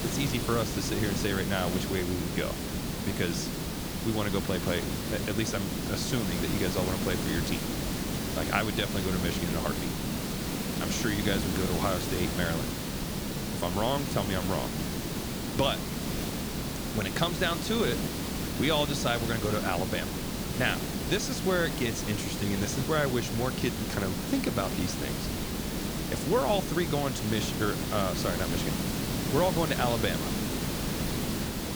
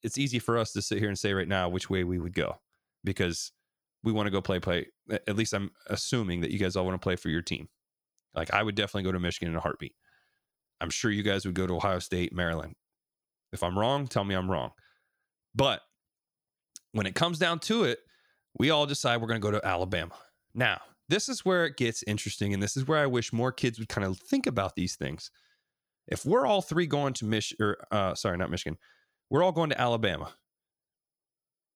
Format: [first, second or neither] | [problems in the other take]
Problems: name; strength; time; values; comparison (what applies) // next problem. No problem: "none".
second | hiss; loud; throughout; 1 dB below the speech